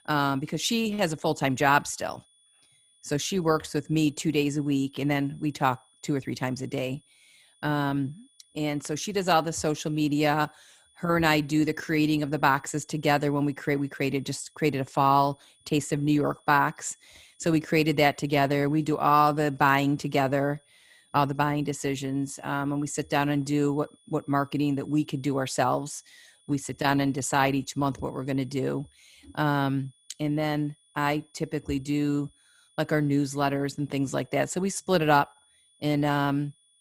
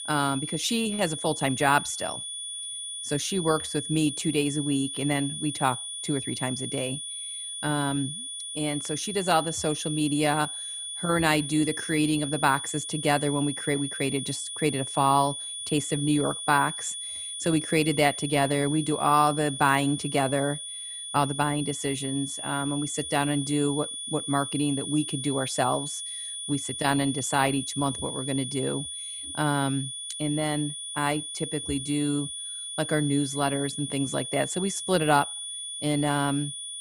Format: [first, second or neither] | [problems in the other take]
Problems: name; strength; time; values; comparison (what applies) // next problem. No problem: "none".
first | high-pitched whine; loud; throughout; 9.5 kHz, 6 dB below the speech; faint in the first